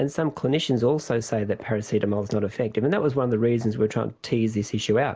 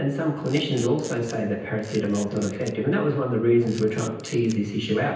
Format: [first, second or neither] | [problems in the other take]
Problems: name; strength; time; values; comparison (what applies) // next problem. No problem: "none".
first | background sound (Camera); 19 dB below the speech // room echo; dies away in 0.9 s